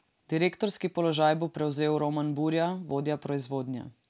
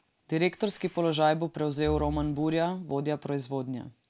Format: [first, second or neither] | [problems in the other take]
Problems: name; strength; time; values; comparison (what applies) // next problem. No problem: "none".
first | background sound (Breathing); 14 dB below the speech